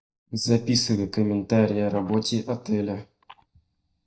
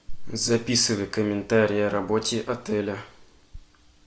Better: second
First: noise reduction (neural mask model DeepFilterNet 3)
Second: none

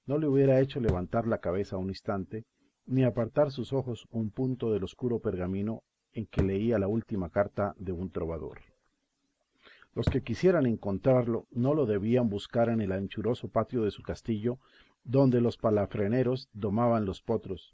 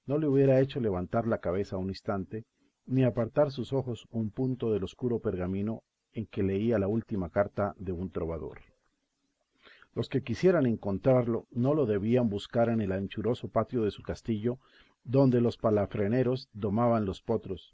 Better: second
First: background sound (Thump, thud); 5 dB below the speech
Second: none

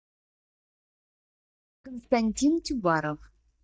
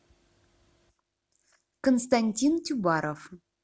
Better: second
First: noise reduction (neural mask model DeepFilterNet 3)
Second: none

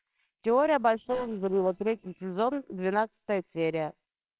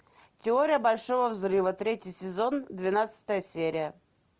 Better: second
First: noise reduction (neural separator model SepFormer WHAMR!)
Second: none

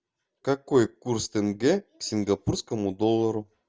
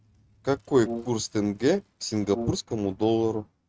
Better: first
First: none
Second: noise reduction (neural mask model RNNoise)

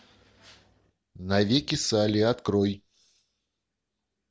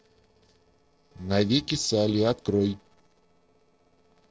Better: first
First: none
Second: noise reduction (neural separator model SepFormer DNS4)

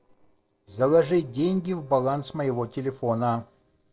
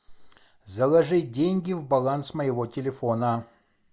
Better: second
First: noise reduction (neural separator model SepFormer DNS4)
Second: none

